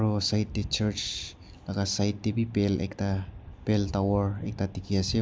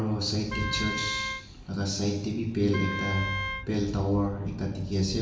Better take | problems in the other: first | background sound (Wind instrument, woodwind instrument); 8 dB below the speech // room echo; dies away in 0.9 s

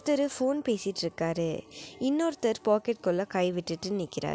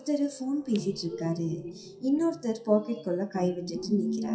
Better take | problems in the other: first | noise reduction (classical method WPE with log-MMSE)

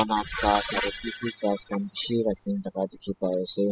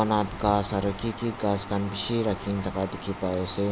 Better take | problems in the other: second | noise reduction (classical method spectral subtraction)

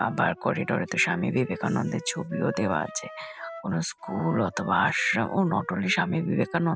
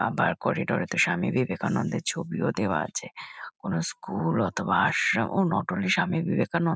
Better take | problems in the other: second | background sound (Wind instrument, woodwind instrument); 16 dB below the speech

